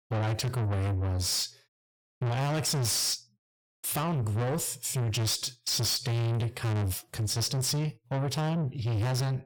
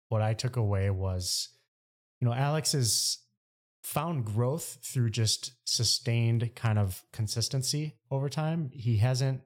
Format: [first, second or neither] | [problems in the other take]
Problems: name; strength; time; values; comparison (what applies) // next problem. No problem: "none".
second | distortion; heavy; 6 dB below the speech